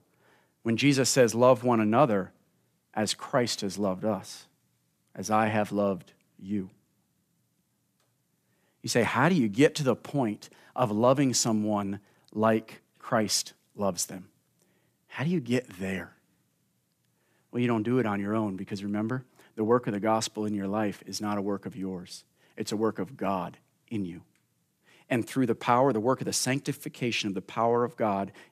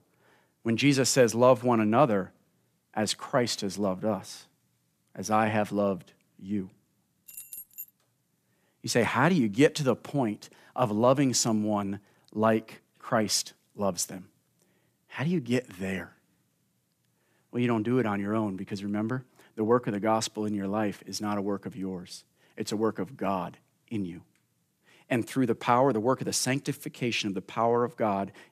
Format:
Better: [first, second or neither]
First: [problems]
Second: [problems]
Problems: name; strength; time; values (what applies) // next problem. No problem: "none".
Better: first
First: none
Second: jangling keys; faint; at 7.5 s; peak 15 dB below the speech